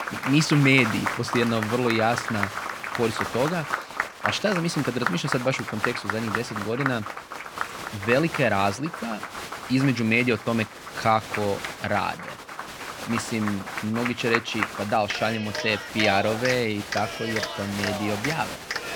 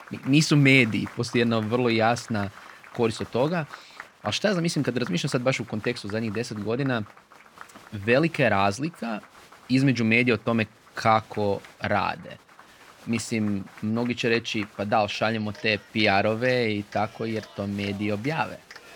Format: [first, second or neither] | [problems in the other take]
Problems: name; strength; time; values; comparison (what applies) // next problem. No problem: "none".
second | crowd noise; loud; throughout; 6 dB below the speech; faint in the second